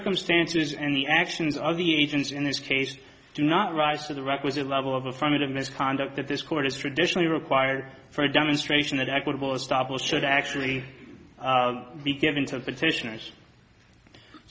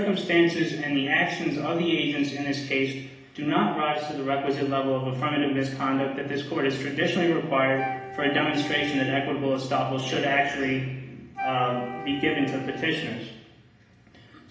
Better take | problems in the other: first | background sound (Wind instrument, woodwind instrument); 11 dB below the speech // room echo; dies away in 0.8 s

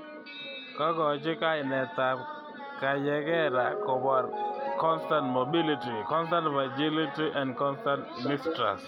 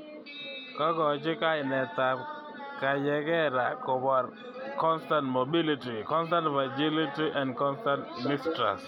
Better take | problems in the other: second | background sound (Mallet percussion); 10 dB below the speech

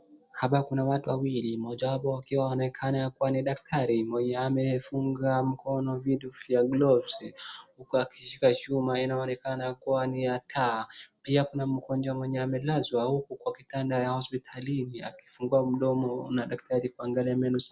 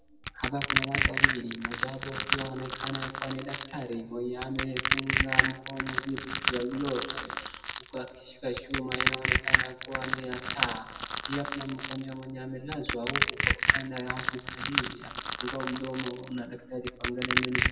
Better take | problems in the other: first | background sound (Crushing); 5 dB above the speech // room echo; dies away in 1.1 s

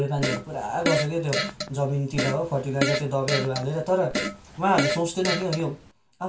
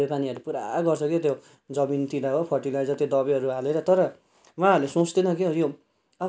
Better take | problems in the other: second | background sound (Fart); 3 dB below the speech // room echo; dies away in 0.2 s

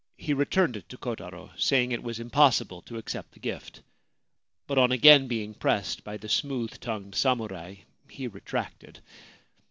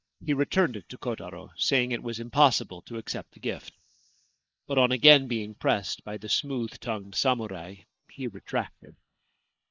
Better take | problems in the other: first | noise reduction (neural mask model Resemble Enhance denoiser)

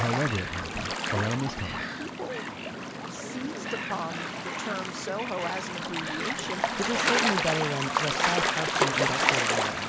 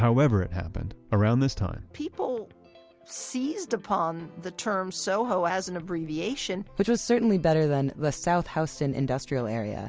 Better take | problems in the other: second | background sound (Gull, seagull / Waves, surf); 4 dB above the speech

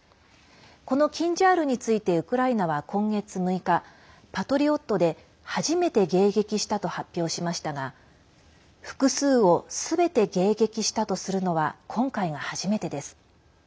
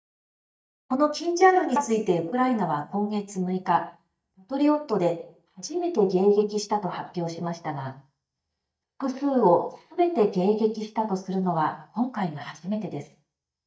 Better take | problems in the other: first | noise reduction (neural mask model DeepFilterNet 3)

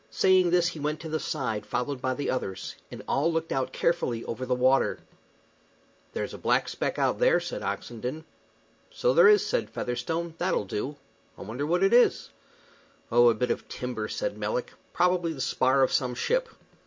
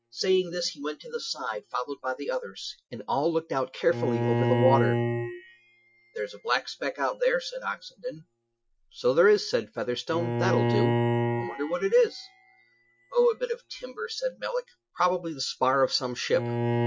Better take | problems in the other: first | noise reduction (classical method Wiener filter)

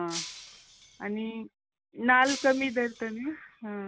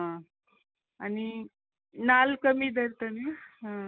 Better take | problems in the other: second | background sound (Shatter); 13 dB below the speech

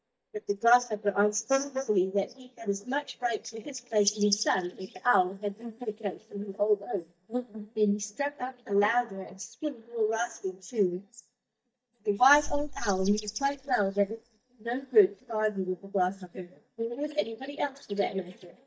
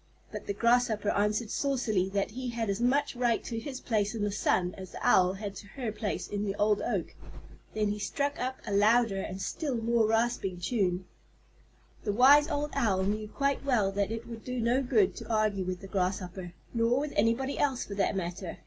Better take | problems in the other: second | noise reduction (neural mask model DeepFilterNet 3)

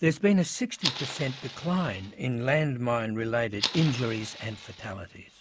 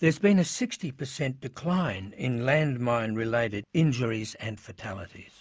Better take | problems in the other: second | background sound (Fire); 9 dB below the speech

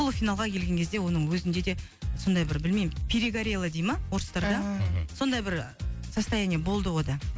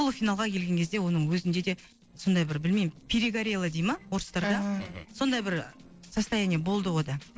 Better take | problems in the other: first | noise reduction (neural separator model SepFormer DNS4)

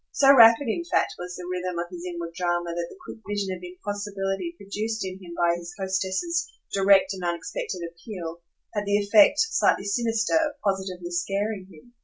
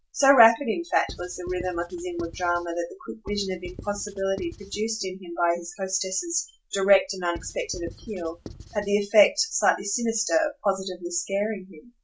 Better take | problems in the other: first | background sound (Writing); 17 dB below the speech

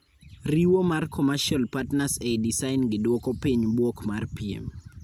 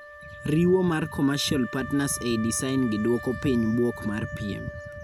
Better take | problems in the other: first | background sound (Wind instrument, woodwind instrument); 14 dB below the speech

